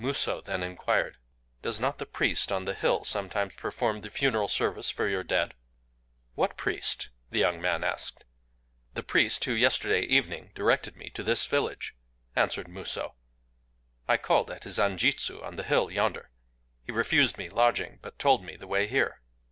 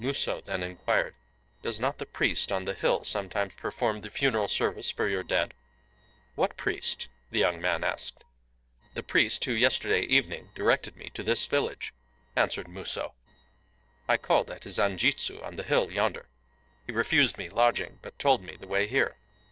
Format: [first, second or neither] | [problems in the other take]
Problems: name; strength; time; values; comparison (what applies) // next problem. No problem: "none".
first | noise reduction (neural separator model SepFormer DNS4)